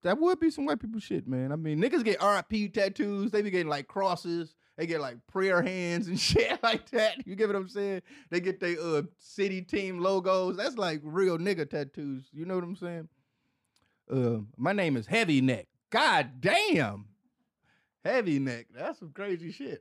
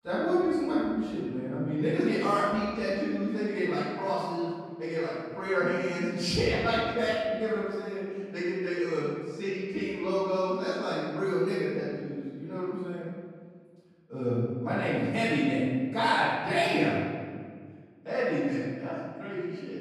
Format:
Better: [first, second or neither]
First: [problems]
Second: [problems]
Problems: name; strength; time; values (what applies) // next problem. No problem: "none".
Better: first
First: none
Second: room echo; strong; dies away in 1.7 s // off-mic speech; far